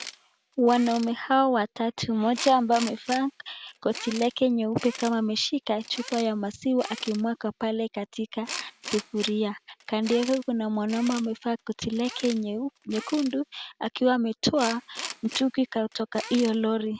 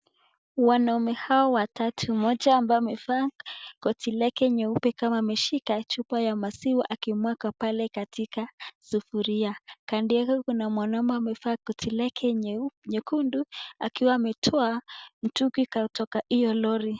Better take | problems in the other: second | background sound (Tools); 15 dB below the speech

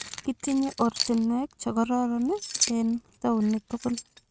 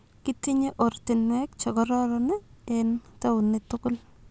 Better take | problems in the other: second | noise reduction (neural mask model RNNoise)

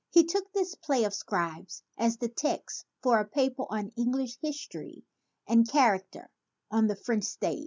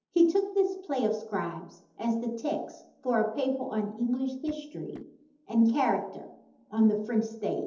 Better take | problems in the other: first | noise reduction (neural separator model SepFormer DNS4)

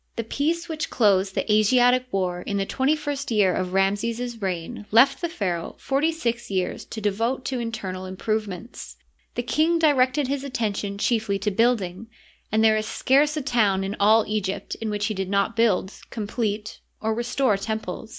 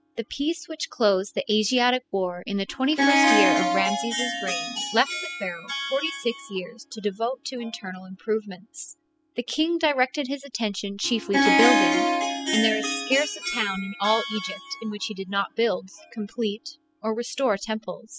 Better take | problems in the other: first | noise reduction (classical method spectral subtraction)

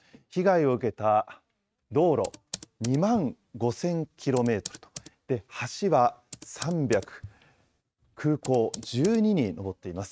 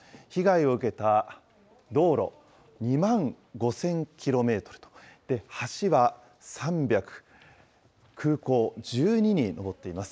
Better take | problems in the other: second | noise reduction (neural mask model RNNoise)

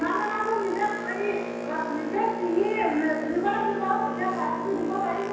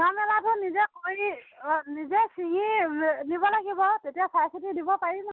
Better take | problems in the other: second | background sound (Boat, Water vehicle); 7 dB below the speech // room echo; dies away in 1.1 s

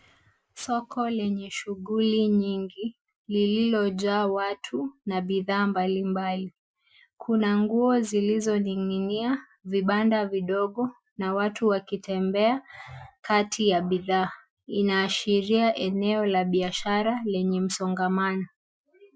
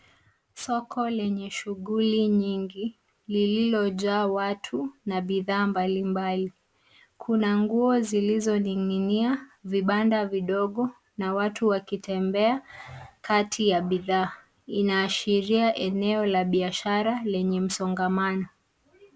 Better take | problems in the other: second | noise reduction (classical method Wiener filter)

